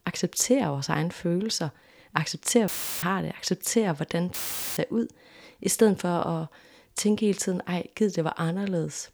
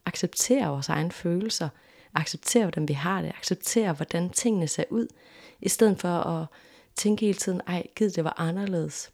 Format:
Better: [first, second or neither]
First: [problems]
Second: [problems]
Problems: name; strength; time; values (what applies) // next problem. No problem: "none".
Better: second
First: audio cutting out; filled with static; at 2.5 s and at 4.5 s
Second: none